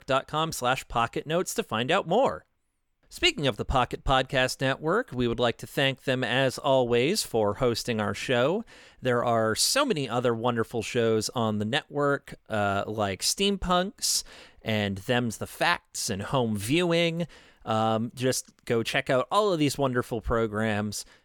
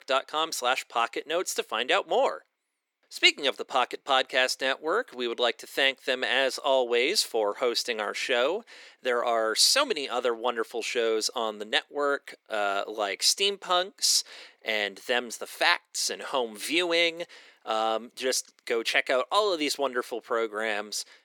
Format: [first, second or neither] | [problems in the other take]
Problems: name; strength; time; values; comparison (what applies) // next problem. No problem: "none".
first | thin; somewhat; fading below 350 Hz